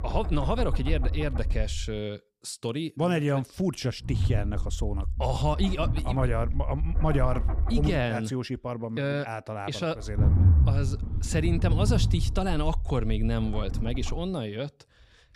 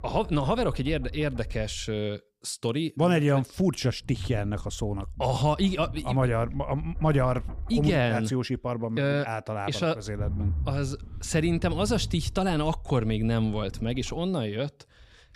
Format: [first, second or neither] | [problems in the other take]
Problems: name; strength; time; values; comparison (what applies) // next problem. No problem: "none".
second | low rumble; loud; until 2 s, from 4 to 8 s and from 10 to 14 s; 10 dB below the speech; faint in the second